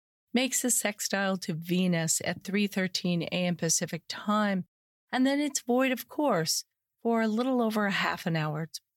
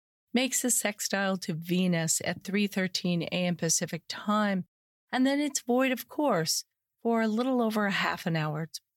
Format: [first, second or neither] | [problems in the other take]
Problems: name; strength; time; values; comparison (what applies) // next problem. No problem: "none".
neither | none